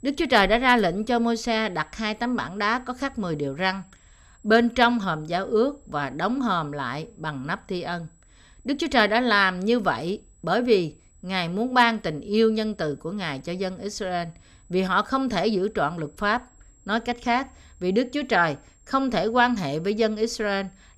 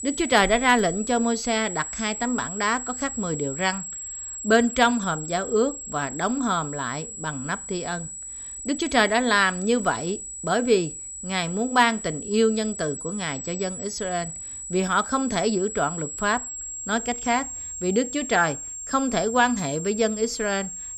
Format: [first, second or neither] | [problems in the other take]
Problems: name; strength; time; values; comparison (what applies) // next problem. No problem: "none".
first | high-pitched whine; loud; throughout; 7.5 kHz, 8 dB below the speech; faint in the first